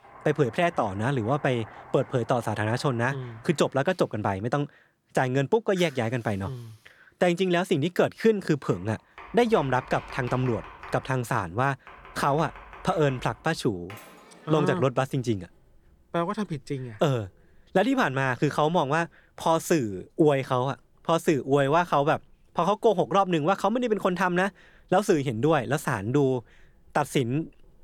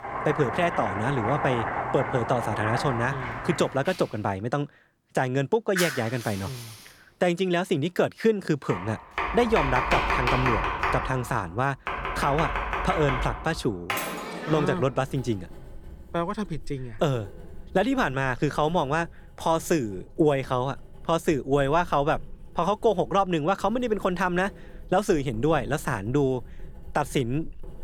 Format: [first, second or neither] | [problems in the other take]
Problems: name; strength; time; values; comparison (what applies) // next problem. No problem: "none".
first | household noises; loud; throughout; 4 dB below the speech; faint in the first